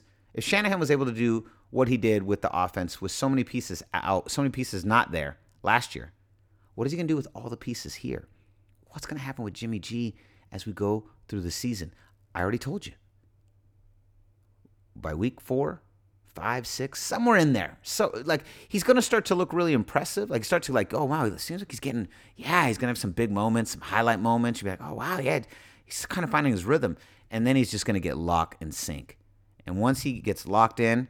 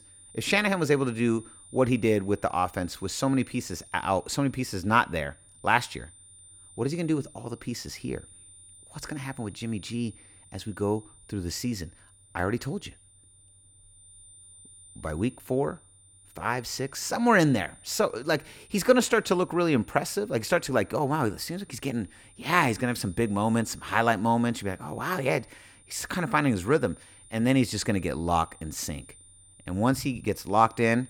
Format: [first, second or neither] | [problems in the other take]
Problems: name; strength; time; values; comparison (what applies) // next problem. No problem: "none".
first | high-pitched whine; faint; throughout; 9 kHz, 25 dB below the speech